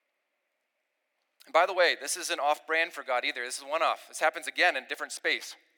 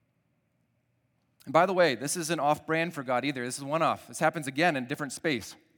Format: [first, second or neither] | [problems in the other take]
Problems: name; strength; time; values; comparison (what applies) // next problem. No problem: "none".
second | thin; very; fading below 450 Hz